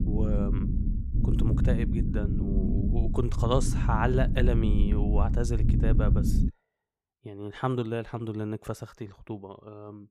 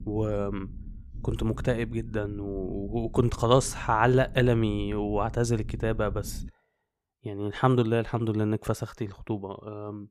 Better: second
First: low rumble; loud; until 6.5 s; 5 dB below the speech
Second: low rumble; faint; until 6.5 s; 25 dB below the speech

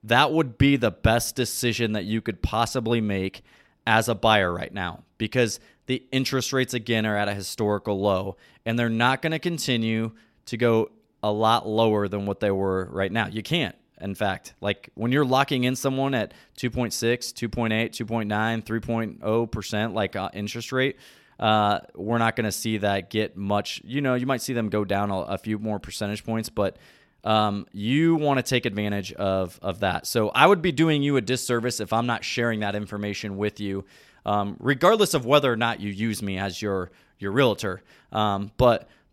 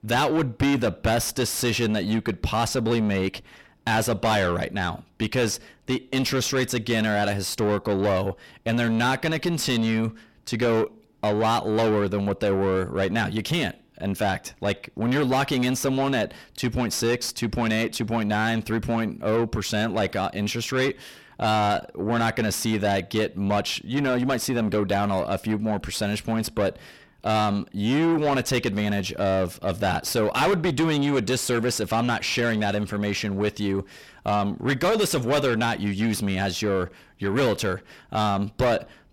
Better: first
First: none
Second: distortion; heavy; 6 dB below the speech

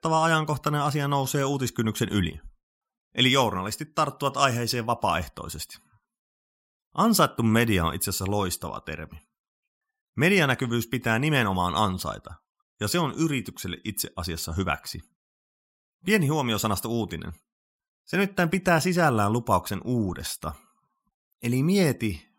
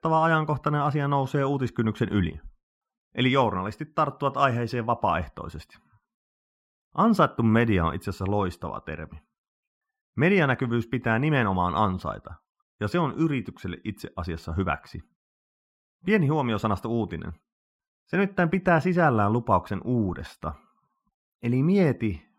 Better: first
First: none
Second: muffled; very; fading above 4 kHz

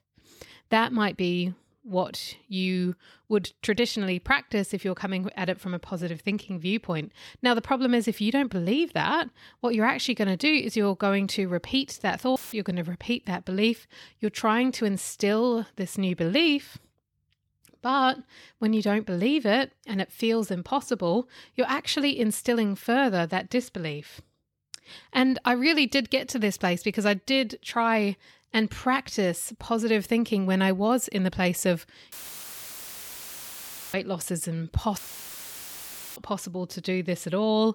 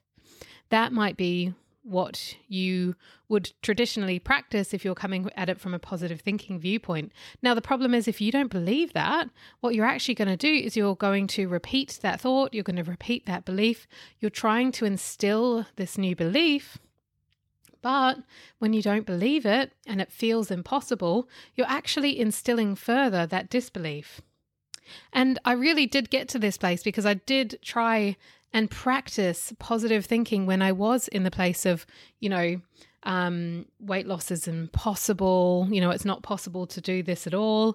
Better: second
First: audio cutting out; filled with static; at 12 s, at 32 s for 2 s and at 35 s for 1 s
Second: none

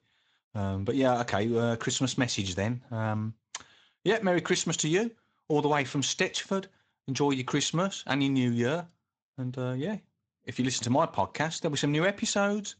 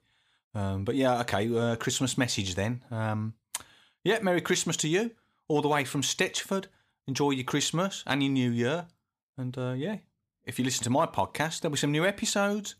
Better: second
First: garbled, watery; slightly; nothing above 7.5 kHz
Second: none

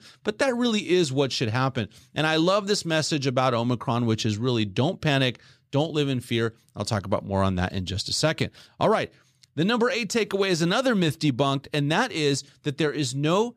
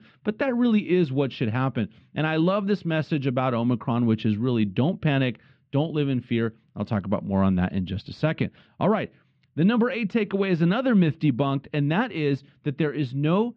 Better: first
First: none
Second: muffled; very; fading above 3 kHz

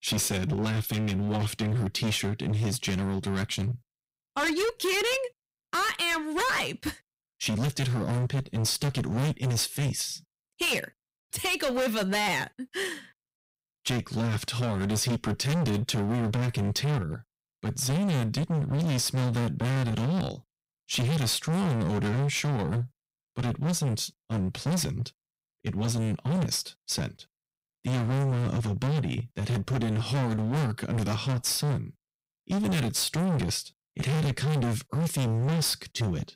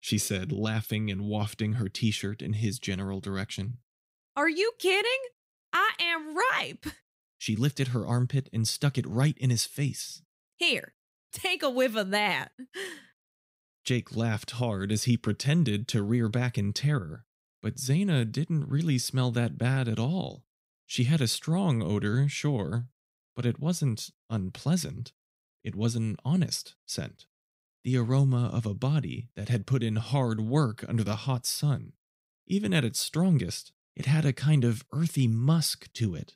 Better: second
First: distortion; heavy; 27% of the sound clipped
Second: none

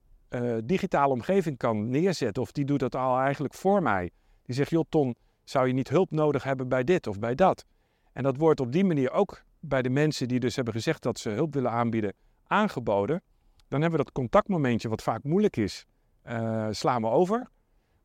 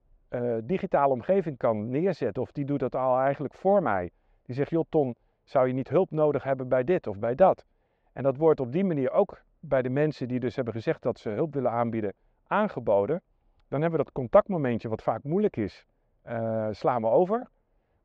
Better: first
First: none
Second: muffled; very; fading above 2.5 kHz

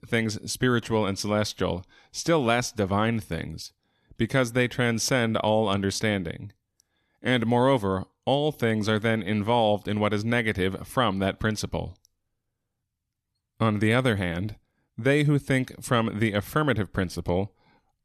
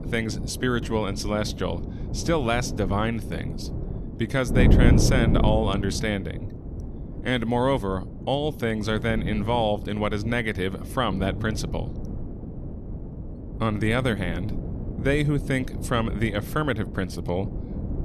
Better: first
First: none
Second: wind noise on the microphone; occasional gusts; 10 dB below the speech

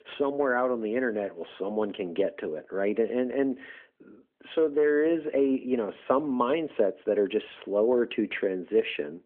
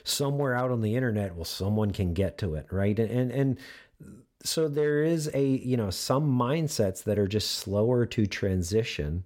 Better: second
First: phone-call audio; nothing above 3.5 kHz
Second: none

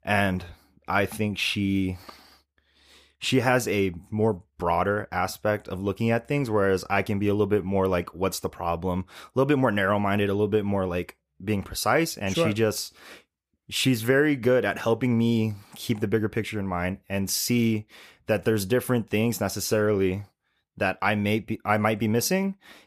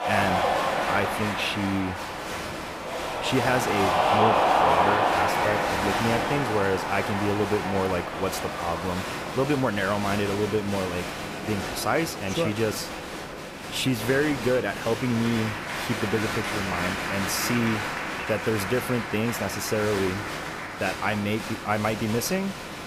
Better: first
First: none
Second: crowd noise; loud; throughout; as loud as the speech

